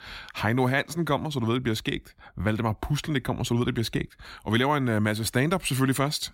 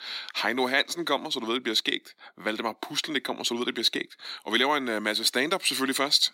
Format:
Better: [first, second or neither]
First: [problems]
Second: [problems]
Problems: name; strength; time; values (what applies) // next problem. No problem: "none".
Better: first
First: none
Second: thin; somewhat; fading below 250 Hz